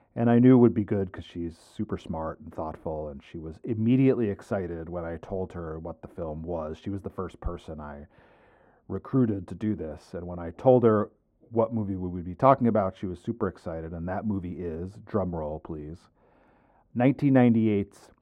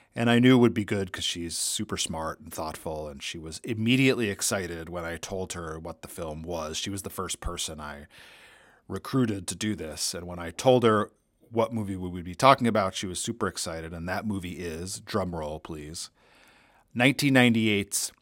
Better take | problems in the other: second | muffled; very; fading above 2.5 kHz

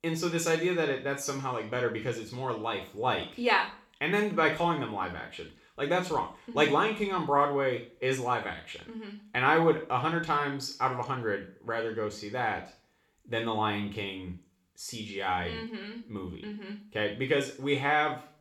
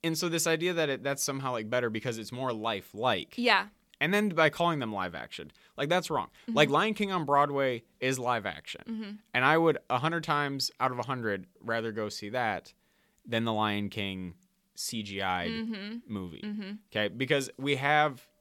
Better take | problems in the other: second | room echo; slight; dies away in 0.4 s // off-mic speech; somewhat distant

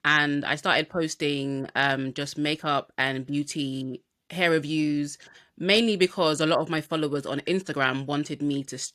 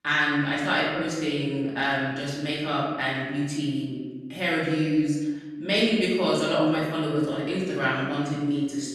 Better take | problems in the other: first | room echo; noticeable; dies away in 1.3 s // off-mic speech; far

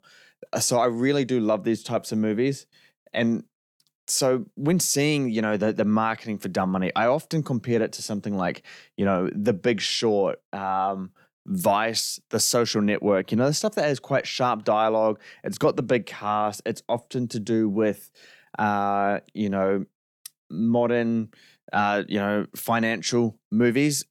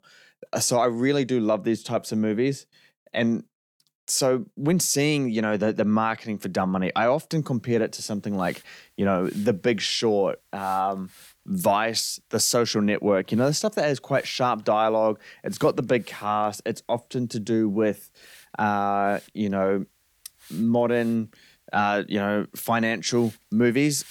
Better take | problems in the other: first | hiss; faint; from 7.5 s on; 25 dB below the speech

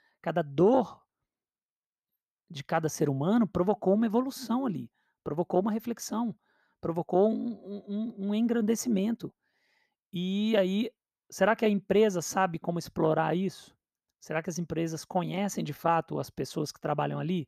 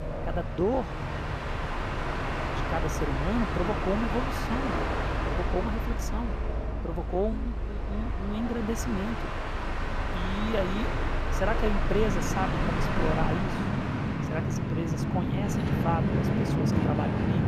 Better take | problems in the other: first | train or aircraft noise; very loud; throughout; 3 dB above the speech

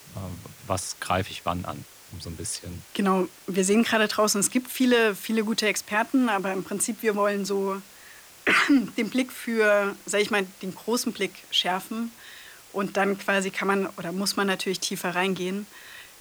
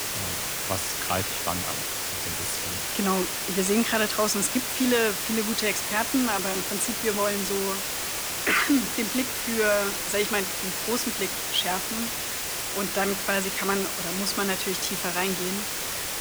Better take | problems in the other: first | hiss; loud; throughout; as loud as the speech; faint in the first

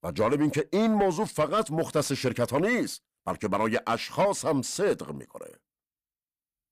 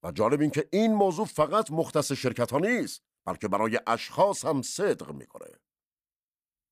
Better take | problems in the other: second | distortion; slight; 10 dB below the speech

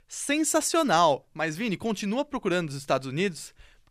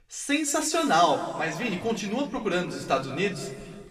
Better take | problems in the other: first | room echo; slight; dies away in 2 s // off-mic speech; somewhat distant

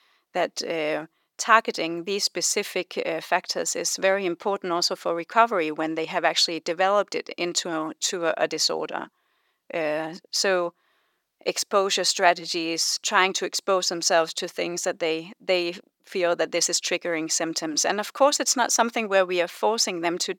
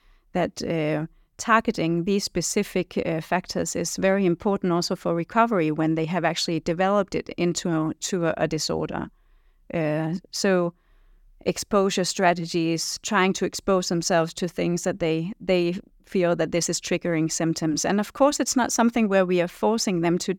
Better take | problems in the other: second | thin; somewhat; fading below 500 Hz

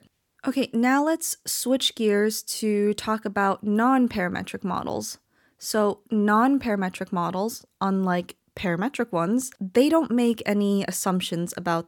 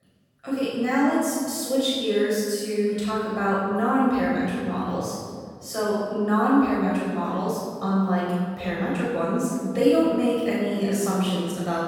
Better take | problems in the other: first | off-mic speech; far // room echo; strong; dies away in 2 s

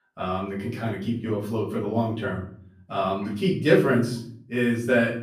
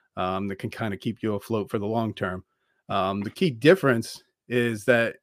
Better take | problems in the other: second | off-mic speech; far // room echo; noticeable; dies away in 0.6 s

